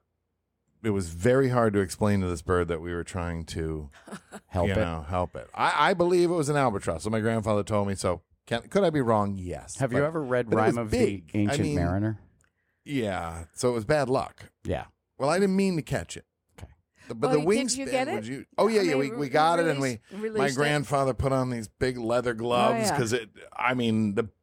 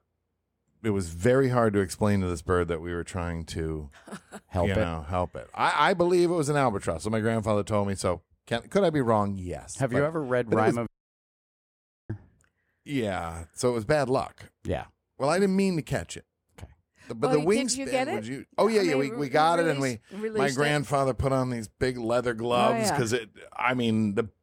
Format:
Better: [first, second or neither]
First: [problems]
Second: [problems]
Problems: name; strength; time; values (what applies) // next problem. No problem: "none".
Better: first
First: none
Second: audio cutting out; at 11 s for 1 s